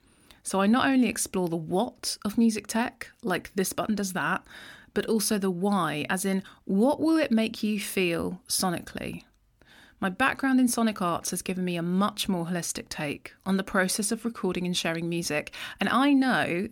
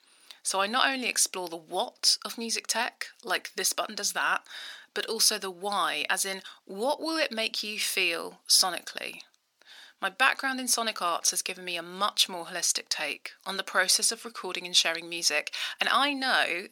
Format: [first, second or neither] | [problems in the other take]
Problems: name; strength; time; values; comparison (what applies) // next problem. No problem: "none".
first | thin; very; fading below 600 Hz